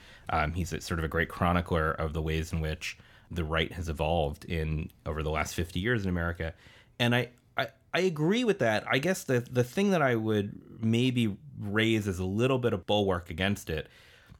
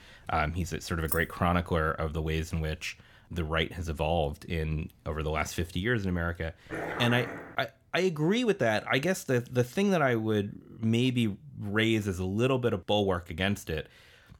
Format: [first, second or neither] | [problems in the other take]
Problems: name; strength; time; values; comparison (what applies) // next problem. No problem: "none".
first | jangling keys; noticeable; at 1 s; peak 4 dB below the speech // dog barking; noticeable; at 6.5 s; peak 5 dB below the speech